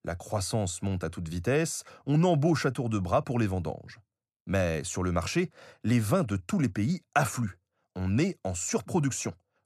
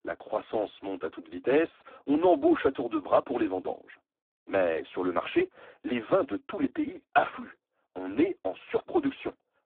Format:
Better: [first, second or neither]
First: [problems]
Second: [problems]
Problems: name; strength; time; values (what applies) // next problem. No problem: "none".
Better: first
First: none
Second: phone-call audio; poor line